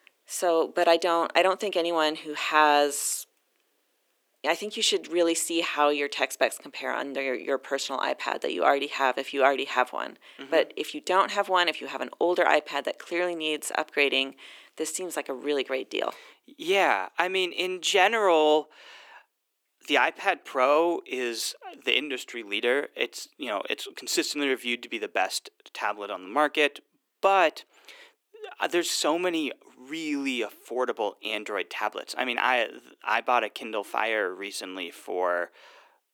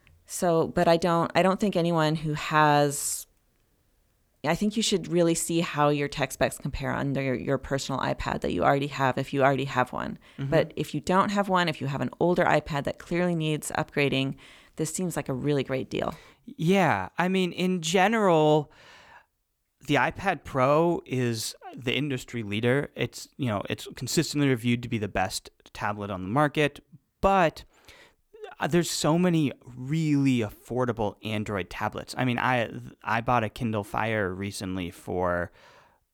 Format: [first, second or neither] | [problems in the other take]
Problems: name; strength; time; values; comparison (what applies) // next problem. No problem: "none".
second | thin; somewhat; fading below 300 Hz